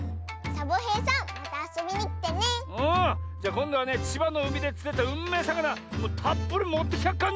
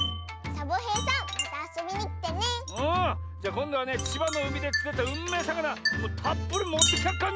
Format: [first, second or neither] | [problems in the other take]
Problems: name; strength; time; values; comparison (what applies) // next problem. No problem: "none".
first | background sound (Wind chime); 5 dB below the speech